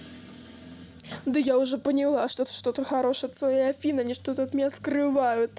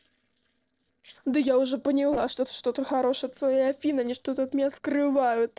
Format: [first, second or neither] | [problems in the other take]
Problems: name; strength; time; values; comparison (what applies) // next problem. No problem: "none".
first | noise reduction (neural separator model SepFormer DNS4)